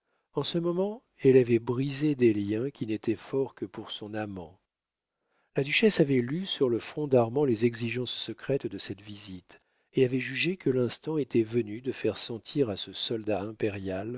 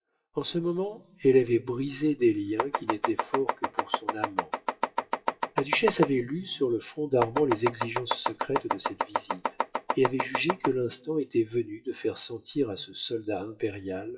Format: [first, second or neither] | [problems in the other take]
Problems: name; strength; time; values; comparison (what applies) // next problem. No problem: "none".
first | noise reduction (classical method WPE with log-MMSE)